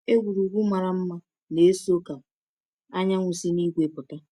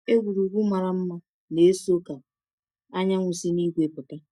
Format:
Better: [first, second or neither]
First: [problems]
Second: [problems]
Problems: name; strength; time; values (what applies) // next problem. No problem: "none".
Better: first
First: none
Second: noise reduction (neural mask model DeepFilterNet 3)